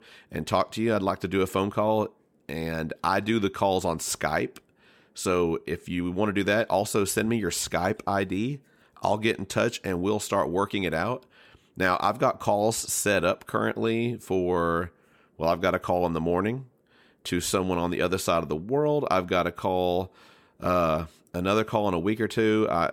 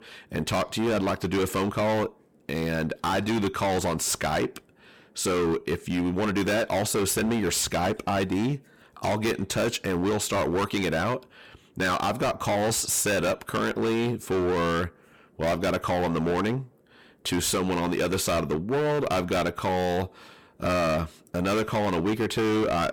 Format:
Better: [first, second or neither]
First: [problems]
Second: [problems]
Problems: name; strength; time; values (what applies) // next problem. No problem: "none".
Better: first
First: none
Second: distortion; heavy; 22% of the sound clipped